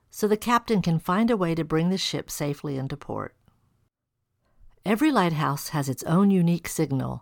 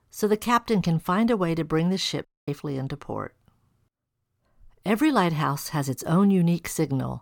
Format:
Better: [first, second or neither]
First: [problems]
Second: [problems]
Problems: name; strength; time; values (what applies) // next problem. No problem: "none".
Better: first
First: none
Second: audio cutting out; at 2.5 s